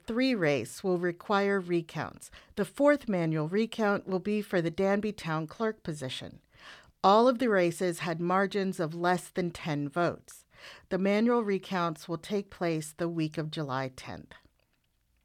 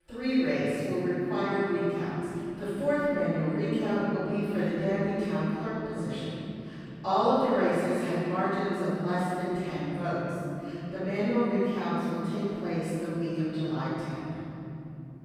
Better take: first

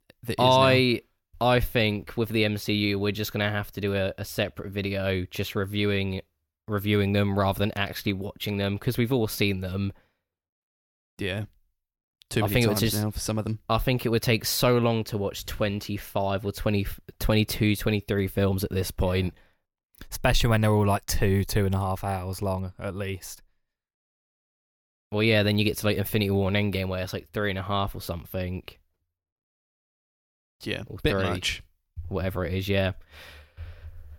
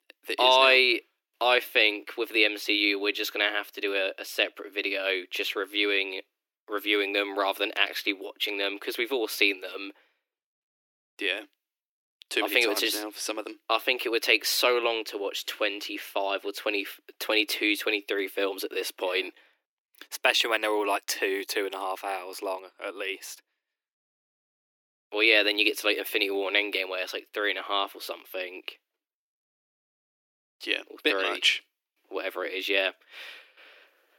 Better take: first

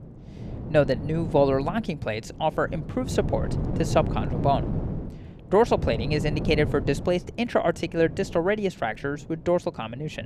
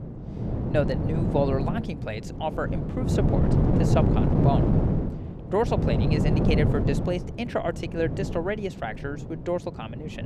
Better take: first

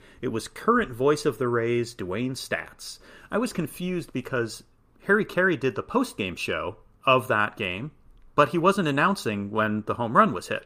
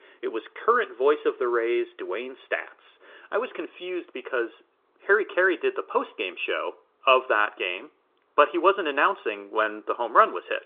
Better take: first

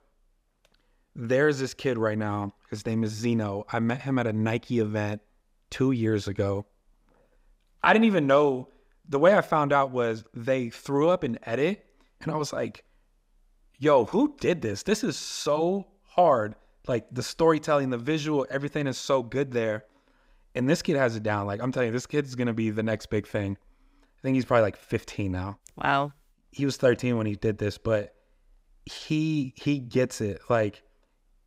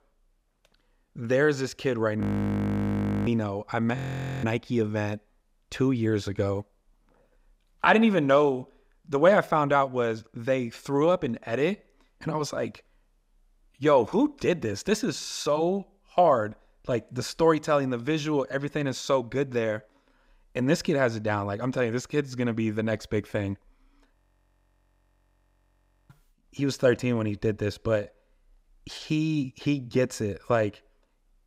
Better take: first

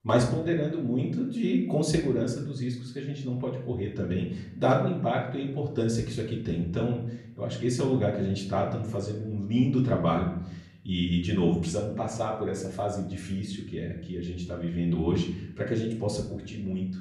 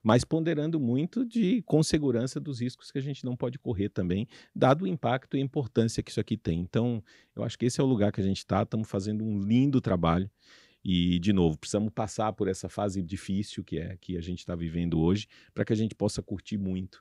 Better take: second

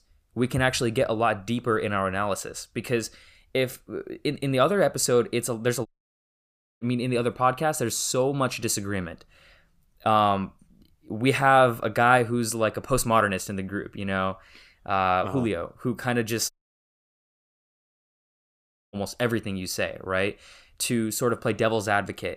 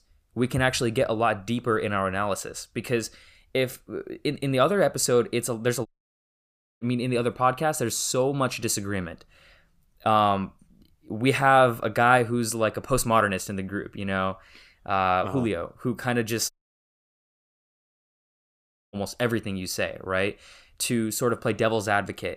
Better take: neither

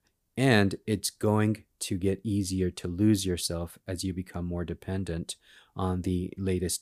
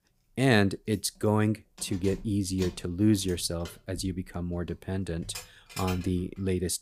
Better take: first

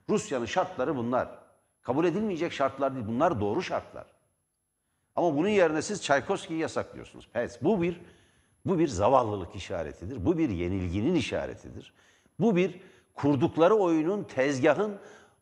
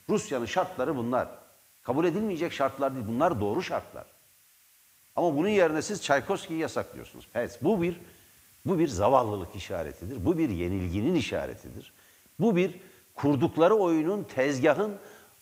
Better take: first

